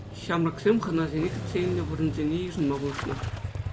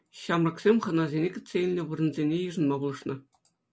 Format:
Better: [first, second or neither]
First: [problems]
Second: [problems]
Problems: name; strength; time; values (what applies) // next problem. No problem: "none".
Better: second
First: background sound (Engine starting / Motorcycle); 7 dB below the speech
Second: none